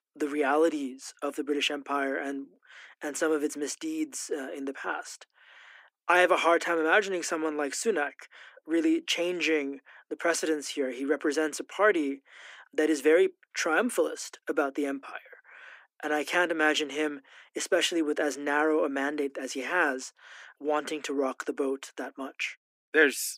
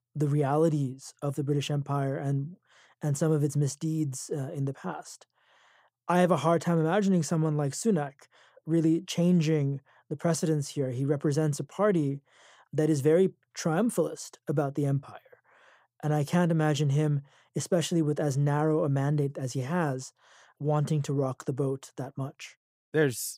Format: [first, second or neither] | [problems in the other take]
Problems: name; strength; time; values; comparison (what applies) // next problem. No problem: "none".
second | thin; somewhat; fading below 250 Hz